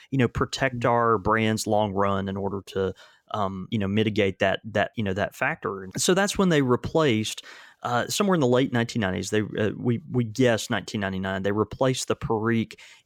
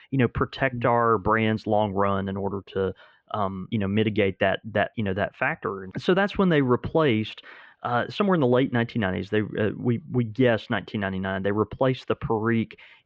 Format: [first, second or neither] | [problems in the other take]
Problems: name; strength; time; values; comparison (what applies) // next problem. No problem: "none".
first | muffled; very; fading above 3 kHz